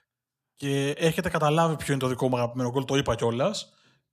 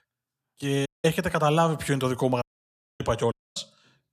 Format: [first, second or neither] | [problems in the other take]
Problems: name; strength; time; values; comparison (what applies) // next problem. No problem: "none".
first | audio cutting out; at 1 s, at 2.5 s for 0.5 s and at 3.5 s